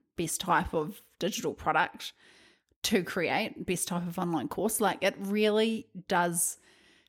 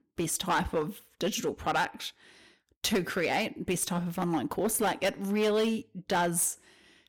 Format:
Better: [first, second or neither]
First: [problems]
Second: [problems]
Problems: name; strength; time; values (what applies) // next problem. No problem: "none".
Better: first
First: none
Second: distortion; slight; 6% of the sound clipped